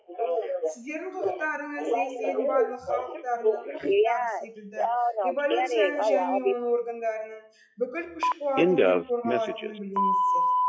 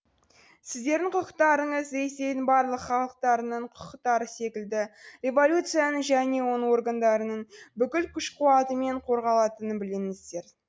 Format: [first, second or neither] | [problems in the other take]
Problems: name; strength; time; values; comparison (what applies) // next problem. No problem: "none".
second | noise reduction (classical method WPE with log-MMSE)